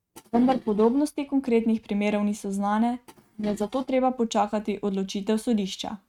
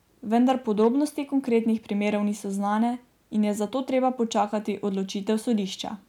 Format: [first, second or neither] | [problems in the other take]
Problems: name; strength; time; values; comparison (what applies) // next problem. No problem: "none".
second | noise reduction (neural mask model RNNoise)